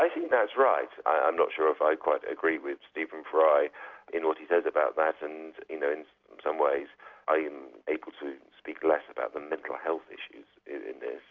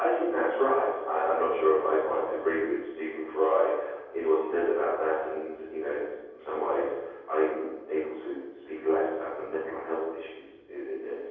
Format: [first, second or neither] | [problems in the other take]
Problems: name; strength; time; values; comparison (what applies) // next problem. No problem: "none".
first | room echo; dies away in 1.3 s